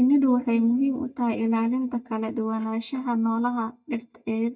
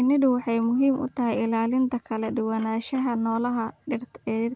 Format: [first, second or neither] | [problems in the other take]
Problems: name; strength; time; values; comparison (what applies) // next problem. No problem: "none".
second | noise reduction (neural mask model DeepFilterNet 3)